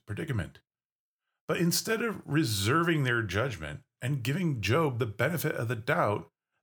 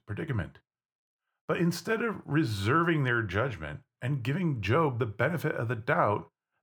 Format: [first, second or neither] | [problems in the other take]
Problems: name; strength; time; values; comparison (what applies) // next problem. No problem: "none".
first | muffled; slightly; fading above 3.5 kHz